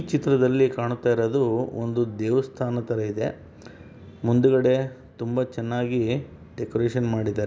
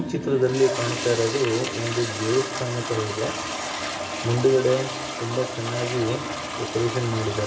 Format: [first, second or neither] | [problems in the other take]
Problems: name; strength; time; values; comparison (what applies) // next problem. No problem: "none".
first | background sound (Toilet flush); 5 dB below the speech // room echo; dies away in 2.9 s